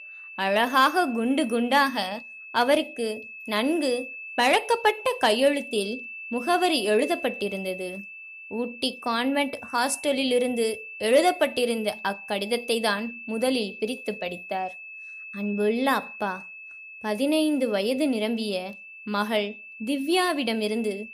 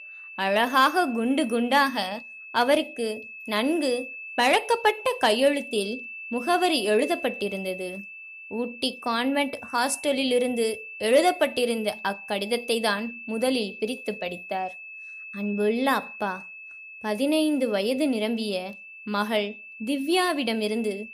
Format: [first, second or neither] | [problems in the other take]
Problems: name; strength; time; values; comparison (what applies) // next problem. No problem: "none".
neither | high-pitched whine; noticeable; throughout; 2.5 kHz, 15 dB below the speech; the same in both